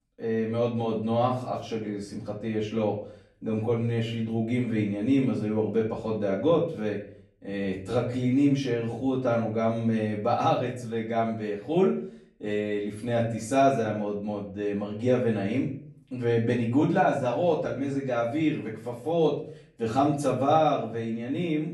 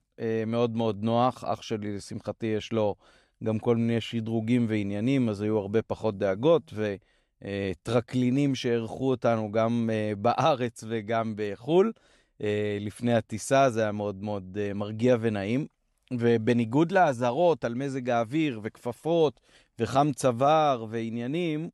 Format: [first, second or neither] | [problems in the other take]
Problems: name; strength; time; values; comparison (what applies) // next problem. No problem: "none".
second | off-mic speech; far // room echo; slight; dies away in 0.5 s